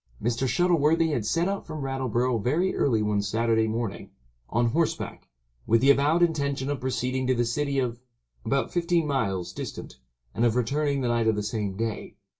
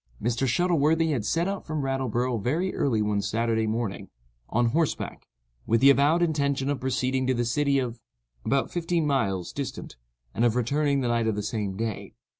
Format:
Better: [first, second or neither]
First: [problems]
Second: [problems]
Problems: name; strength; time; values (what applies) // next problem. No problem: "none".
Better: second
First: room echo; dies away in 0.2 s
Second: none